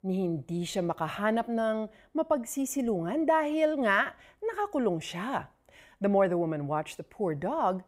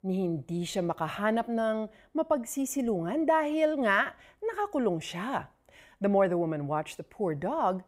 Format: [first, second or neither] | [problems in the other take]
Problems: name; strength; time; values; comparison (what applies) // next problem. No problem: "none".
neither | none